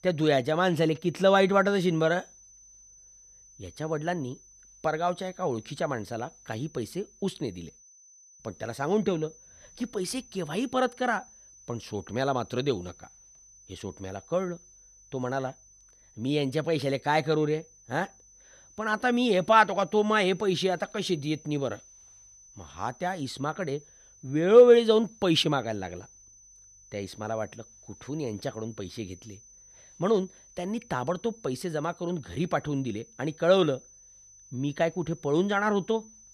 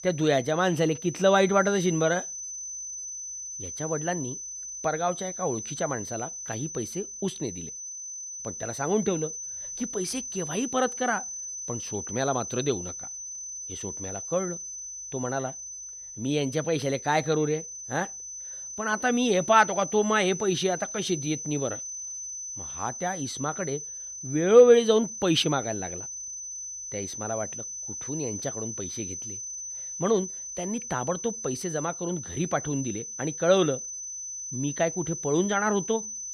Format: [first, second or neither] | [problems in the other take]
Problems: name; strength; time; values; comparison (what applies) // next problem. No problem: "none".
first | high-pitched whine; loud; throughout; 6 kHz, 8 dB below the speech; faint in the first